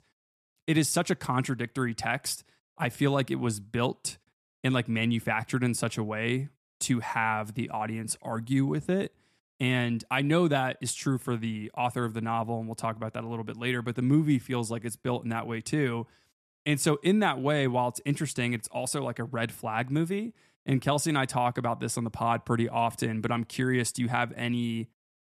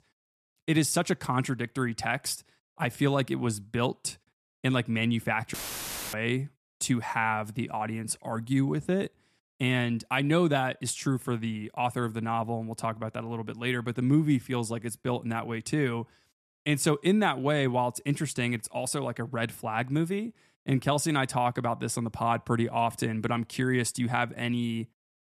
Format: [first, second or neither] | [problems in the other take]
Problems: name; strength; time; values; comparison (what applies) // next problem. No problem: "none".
first | audio cutting out; filled with static; at 5.5 s for 0.5 s